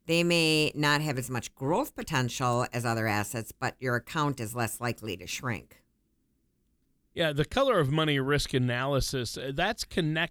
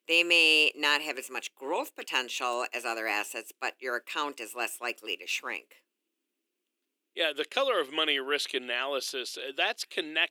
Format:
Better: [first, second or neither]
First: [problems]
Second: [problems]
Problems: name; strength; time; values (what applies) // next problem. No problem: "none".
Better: first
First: none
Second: thin; very; fading below 350 Hz